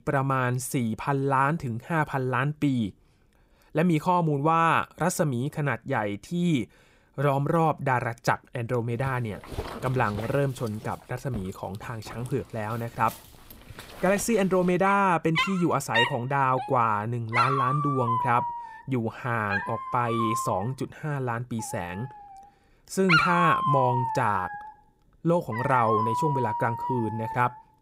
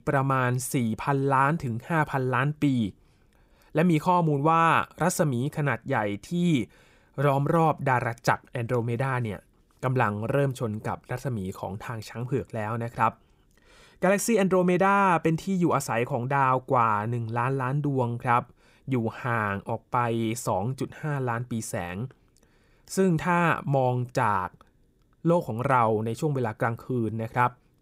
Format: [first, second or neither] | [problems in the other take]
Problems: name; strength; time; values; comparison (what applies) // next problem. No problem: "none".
second | animal sounds; loud; from 9 s on; 2 dB below the speech